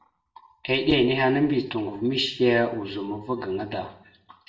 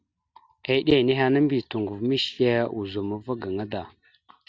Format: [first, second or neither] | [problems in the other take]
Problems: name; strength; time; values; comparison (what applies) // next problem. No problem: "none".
second | room echo; dies away in 0.5 s